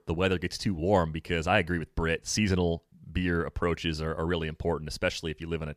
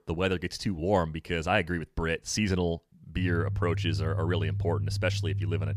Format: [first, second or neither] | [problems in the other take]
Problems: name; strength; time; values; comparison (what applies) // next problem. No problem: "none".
first | low rumble; noticeable; from 3 s on; 15 dB below the speech